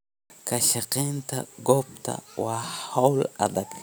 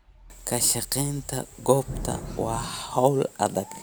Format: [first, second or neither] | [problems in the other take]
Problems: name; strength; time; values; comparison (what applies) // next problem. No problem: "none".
first | background sound (Thunder / Rain); 13 dB below the speech